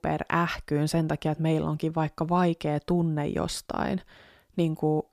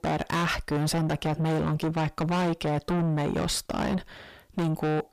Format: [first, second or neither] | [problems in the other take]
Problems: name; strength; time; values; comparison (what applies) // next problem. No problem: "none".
first | distortion; heavy; 5 dB below the speech